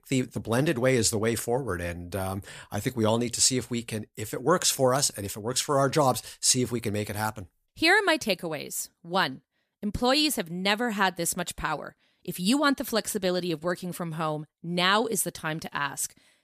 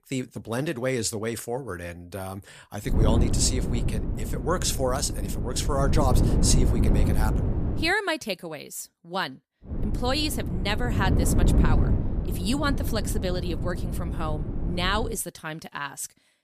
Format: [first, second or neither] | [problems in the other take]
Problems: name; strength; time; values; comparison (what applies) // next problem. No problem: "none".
first | wind noise on the microphone; heavy; from 3 to 8 s and from 9.5 to 15 s; 7 dB below the speech